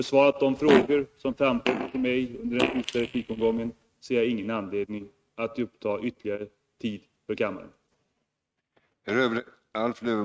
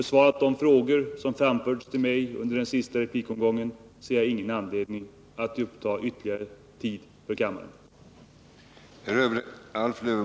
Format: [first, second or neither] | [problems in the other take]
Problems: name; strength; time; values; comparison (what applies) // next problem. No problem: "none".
second | noise reduction (neural mask model RNNoise)